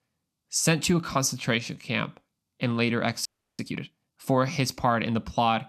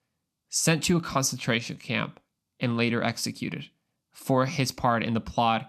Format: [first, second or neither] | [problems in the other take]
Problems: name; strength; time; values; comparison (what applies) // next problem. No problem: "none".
second | audio freezing; at 3.5 s